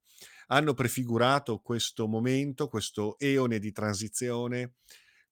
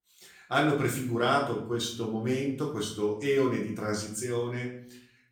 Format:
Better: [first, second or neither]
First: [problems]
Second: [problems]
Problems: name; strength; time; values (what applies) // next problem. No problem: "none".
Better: first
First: none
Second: room echo; slight; dies away in 0.5 s // off-mic speech; far